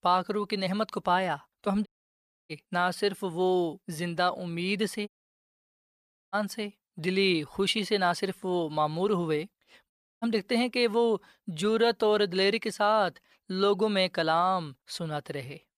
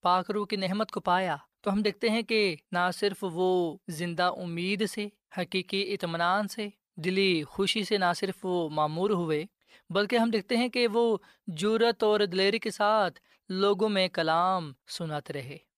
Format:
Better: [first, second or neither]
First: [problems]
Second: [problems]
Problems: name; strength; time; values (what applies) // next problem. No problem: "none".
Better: second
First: audio cutting out; at 2 s for 0.5 s, at 5 s for 1 s and at 10 s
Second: none